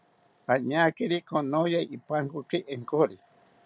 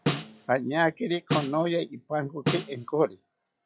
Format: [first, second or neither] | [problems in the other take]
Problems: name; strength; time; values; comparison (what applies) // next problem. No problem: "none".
first | noise reduction (classical method log-MMSE)